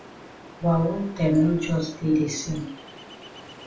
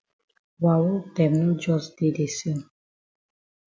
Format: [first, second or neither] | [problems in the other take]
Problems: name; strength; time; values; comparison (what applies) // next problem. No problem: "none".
second | background sound (Ocean); 19 dB below the speech // room echo; dies away in 0.4 s